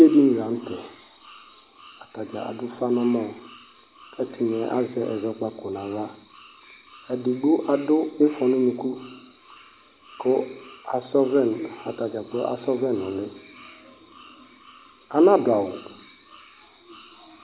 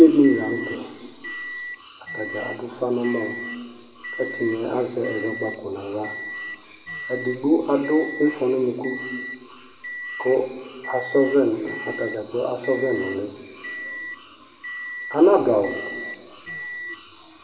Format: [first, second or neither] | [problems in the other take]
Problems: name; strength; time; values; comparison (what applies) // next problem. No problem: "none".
first | background sound (Microwave oven); 12 dB below the speech // room echo; dies away in 1.4 s